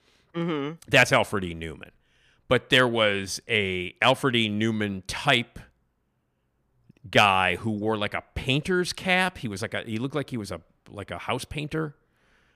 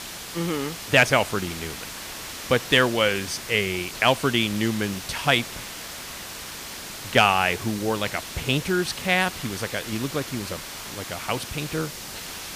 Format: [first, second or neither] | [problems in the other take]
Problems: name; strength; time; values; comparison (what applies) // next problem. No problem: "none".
first | hiss; noticeable; throughout; 10 dB below the speech